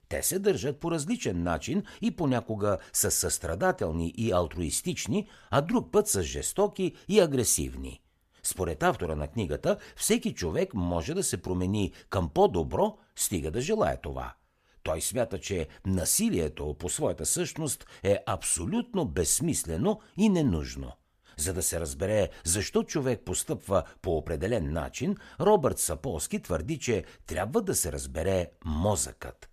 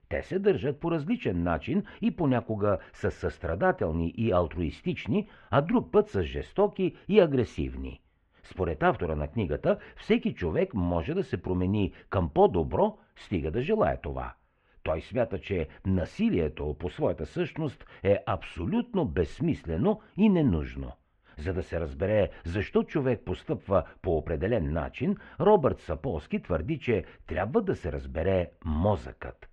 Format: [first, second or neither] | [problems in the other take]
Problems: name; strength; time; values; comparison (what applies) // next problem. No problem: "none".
first | muffled; very; fading above 2.5 kHz